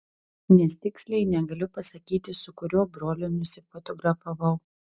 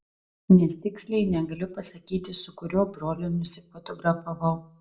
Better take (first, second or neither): first